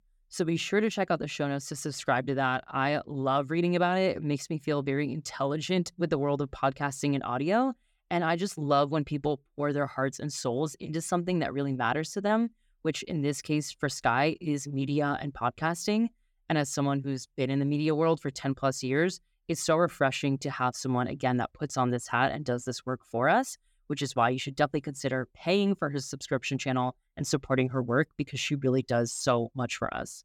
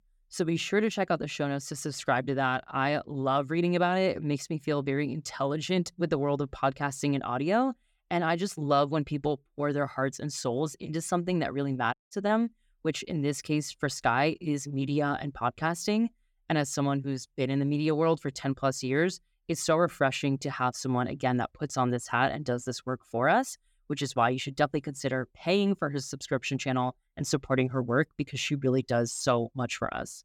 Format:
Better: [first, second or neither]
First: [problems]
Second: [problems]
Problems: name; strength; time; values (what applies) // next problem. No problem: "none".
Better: first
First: none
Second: audio cutting out; at 12 s